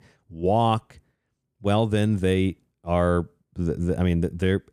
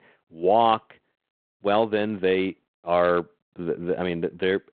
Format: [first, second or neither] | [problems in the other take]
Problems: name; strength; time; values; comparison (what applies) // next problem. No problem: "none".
first | phone-call audio; nothing above 3.5 kHz